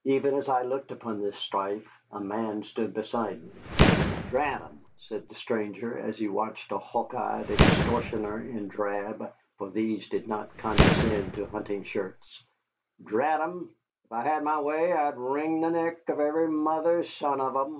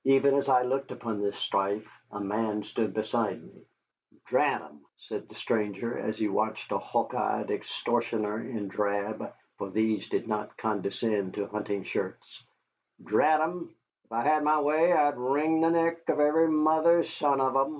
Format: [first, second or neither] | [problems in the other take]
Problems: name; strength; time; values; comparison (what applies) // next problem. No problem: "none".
second | background sound (Fireworks); 2 dB above the speech